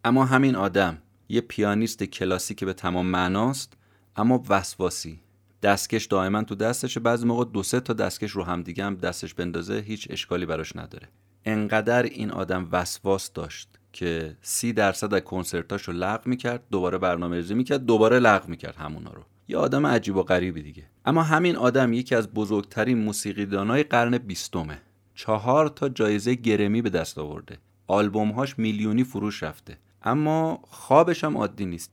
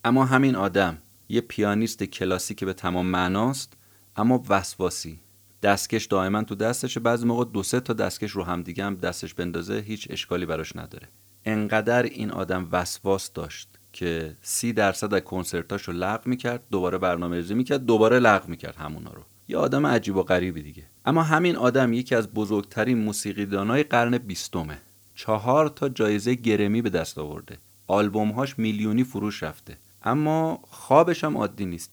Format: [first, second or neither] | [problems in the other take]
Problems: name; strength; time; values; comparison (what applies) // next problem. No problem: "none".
first | hiss; faint; throughout; 30 dB below the speech